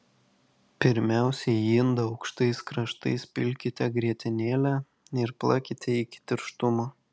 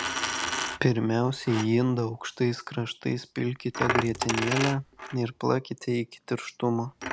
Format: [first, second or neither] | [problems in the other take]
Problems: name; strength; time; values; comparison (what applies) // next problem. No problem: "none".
first | background sound (Coin (dropping)); 6 dB below the speech